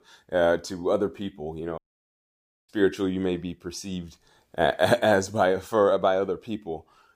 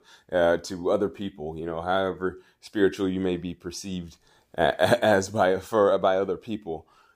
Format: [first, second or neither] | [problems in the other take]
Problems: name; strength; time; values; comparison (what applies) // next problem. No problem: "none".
second | audio cutting out; at 2 s for 1 s